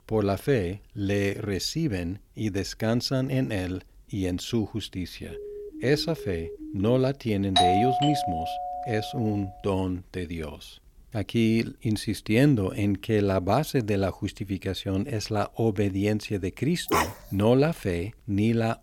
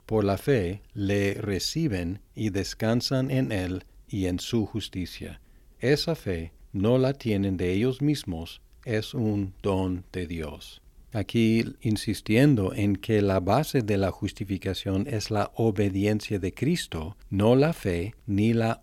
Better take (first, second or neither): second